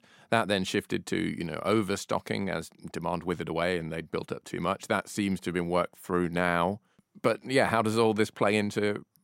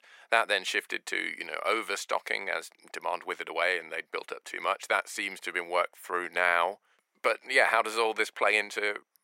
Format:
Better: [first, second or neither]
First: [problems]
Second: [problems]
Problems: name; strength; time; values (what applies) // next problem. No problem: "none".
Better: first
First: none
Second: thin; very; fading below 500 Hz